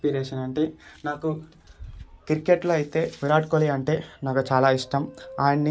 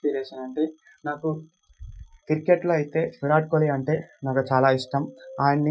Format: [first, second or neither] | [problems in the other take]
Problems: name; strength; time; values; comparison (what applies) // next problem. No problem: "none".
first | noise reduction (classical method Wiener filter)